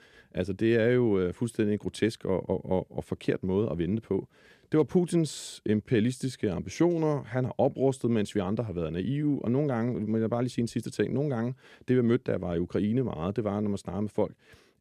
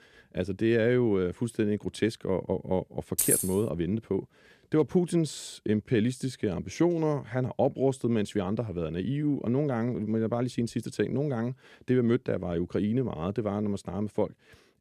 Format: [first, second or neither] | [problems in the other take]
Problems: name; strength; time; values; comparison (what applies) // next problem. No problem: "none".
first | jangling keys; loud; at 3 s; peak 4 dB above the speech